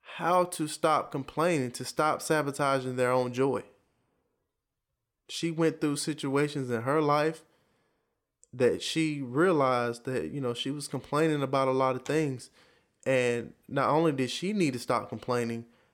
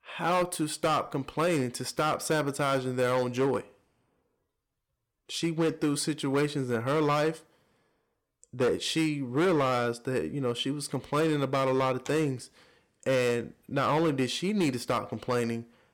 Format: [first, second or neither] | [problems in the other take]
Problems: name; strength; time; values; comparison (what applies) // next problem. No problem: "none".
first | distortion; slight; 8% of the sound clipped